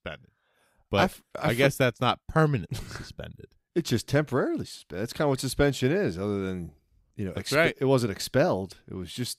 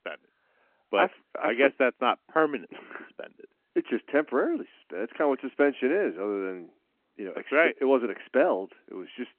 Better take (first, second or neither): first